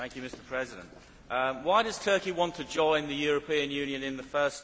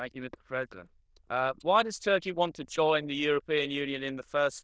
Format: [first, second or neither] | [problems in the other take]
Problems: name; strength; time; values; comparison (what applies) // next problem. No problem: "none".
first | noise reduction (neural diffusion model UNIVERSE++)